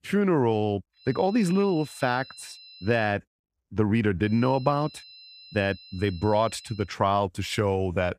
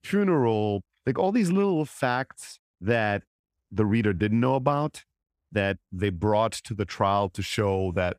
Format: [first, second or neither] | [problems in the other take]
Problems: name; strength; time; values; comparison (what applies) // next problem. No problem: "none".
second | high-pitched whine; faint; from 1 to 3 s and from 4.5 to 7 s; 4 kHz, 20 dB below the speech